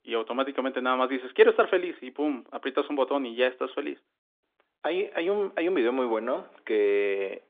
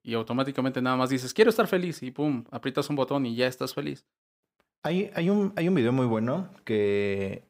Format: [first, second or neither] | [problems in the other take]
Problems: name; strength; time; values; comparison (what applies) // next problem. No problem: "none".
second | phone-call audio